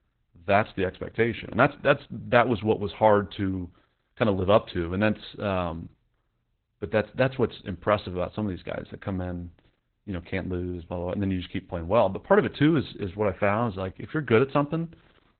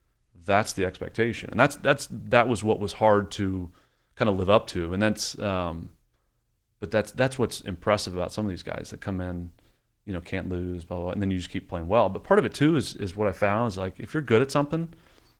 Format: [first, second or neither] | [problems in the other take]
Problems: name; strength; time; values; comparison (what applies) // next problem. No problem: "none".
second | garbled, watery; badly; nothing above 4 kHz; slightly in the second